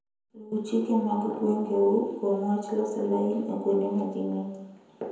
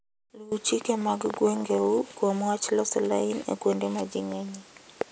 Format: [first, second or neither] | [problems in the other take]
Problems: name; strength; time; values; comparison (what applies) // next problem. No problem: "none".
second | room echo; dies away in 0.9 s